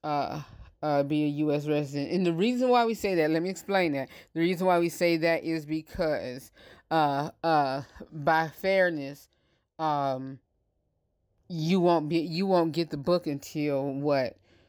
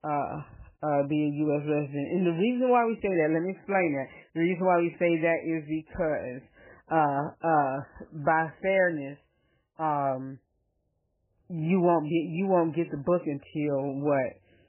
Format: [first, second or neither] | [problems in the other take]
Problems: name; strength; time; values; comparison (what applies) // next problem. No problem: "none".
first | garbled, watery; badly; nothing above 3 kHz